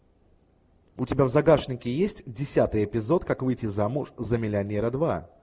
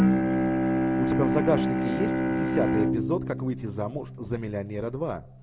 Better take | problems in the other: first | background sound (Bowed string instrument); 4 dB above the speech

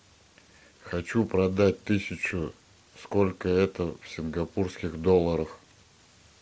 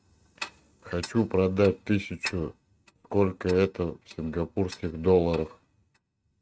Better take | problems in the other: first | noise reduction (neural mask model RNNoise)

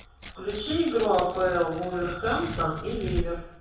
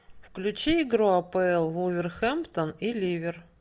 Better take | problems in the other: second | background sound (Tearing); 9 dB below the speech // room echo; dies away in 0.7 s

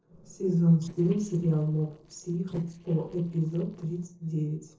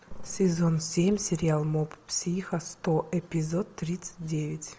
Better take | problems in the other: second | noise reduction (neural separator model SepFormer DNS4)

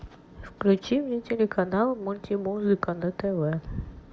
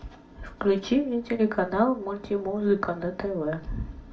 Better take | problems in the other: first | room echo; dies away in 0.2 s

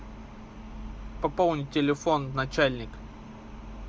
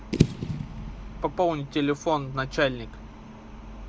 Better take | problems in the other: first | background sound (Fireworks / Boom); 3 dB below the speech

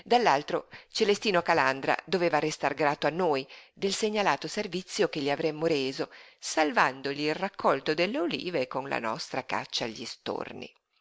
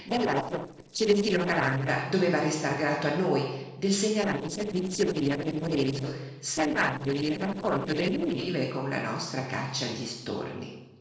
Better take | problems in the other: first | noise reduction (neural separator model SepFormer DNS4)

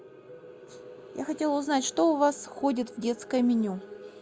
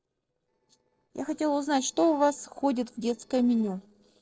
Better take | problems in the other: first | noise reduction (neural separator model SepFormer DNS4)

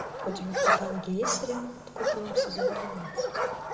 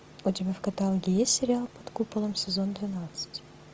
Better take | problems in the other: second | background sound (Bark); 5 dB above the speech // room echo; dies away in 1.3 s

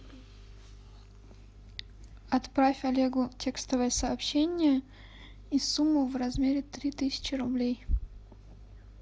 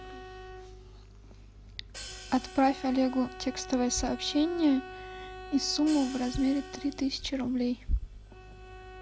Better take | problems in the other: first | background sound (Bowed string instrument + Hi-hat); 15 dB below the speech

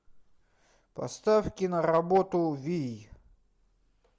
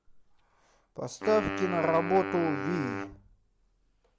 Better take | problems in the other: first | background sound (Wind instrument, woodwind instrument); 5 dB below the speech

